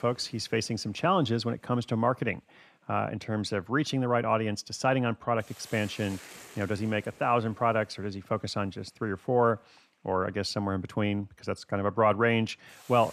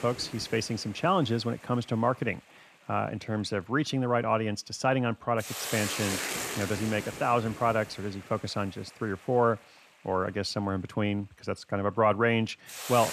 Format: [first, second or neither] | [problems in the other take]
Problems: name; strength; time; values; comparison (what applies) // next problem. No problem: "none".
first | hiss; loud; throughout; 7 dB below the speech; faint in the first